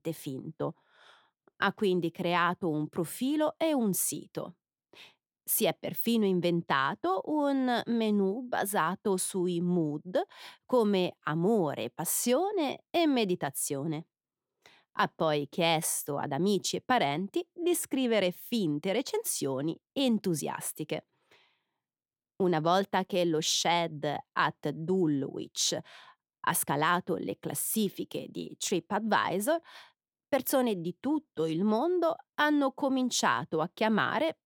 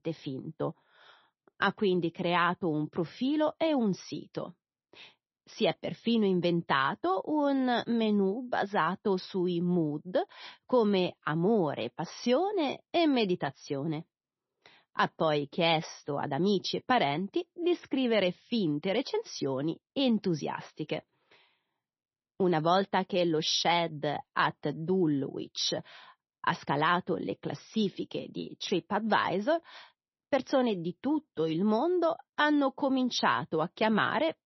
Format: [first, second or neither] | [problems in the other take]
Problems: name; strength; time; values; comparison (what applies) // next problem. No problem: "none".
first | garbled, watery; slightly; nothing above 6 kHz